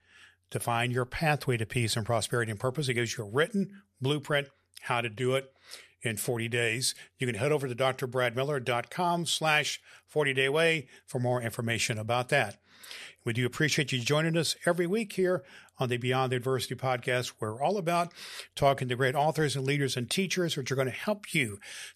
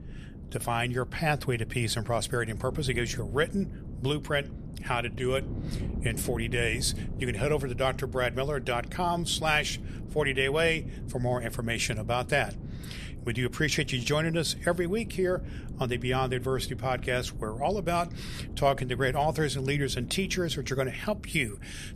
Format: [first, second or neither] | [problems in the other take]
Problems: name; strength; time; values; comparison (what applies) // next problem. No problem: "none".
first | wind noise on the microphone; occasional gusts; 20 dB below the speech